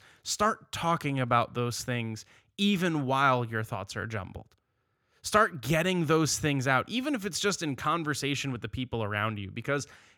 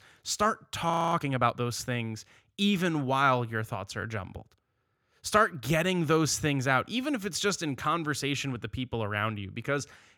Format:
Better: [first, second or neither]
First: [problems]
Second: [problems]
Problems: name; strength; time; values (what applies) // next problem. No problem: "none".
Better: first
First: none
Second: audio freezing; at 1 s